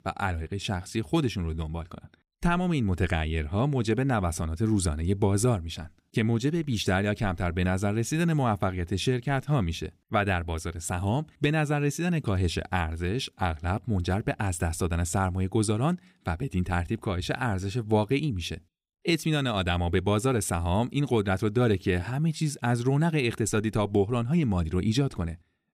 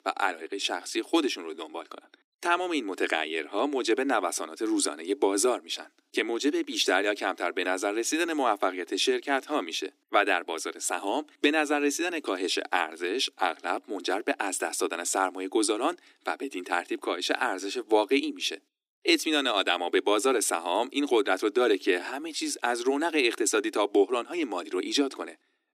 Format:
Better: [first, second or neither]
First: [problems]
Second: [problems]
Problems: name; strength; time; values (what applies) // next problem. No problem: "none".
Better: first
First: none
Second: thin; somewhat; fading below 300 Hz